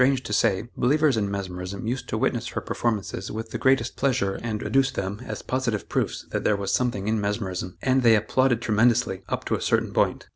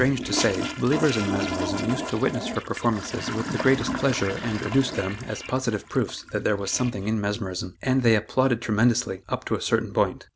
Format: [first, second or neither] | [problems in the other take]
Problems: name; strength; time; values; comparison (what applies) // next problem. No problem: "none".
first | background sound (Toilet flush); 9 dB below the speech